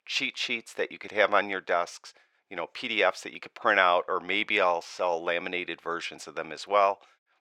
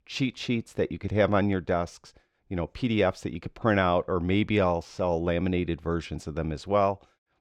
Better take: second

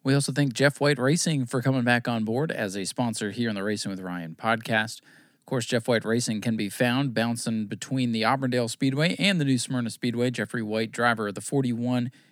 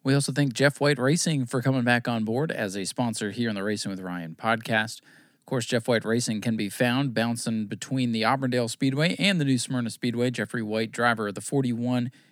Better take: neither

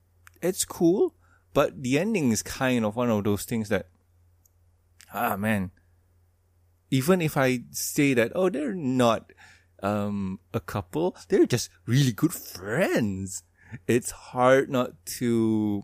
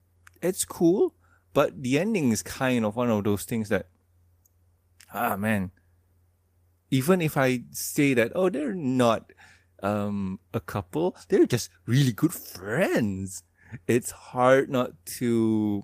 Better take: first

